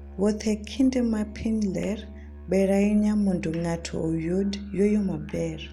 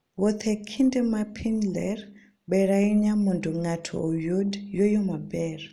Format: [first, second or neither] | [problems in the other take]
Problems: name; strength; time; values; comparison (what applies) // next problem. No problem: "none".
second | background sound (Musical instrument); 16 dB below the speech